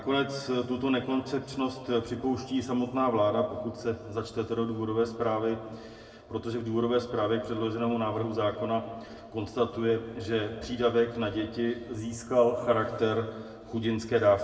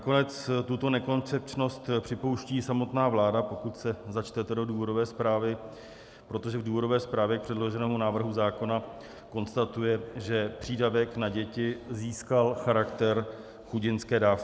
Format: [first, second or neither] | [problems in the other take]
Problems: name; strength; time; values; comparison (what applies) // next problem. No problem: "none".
second | room echo; dies away in 1.3 s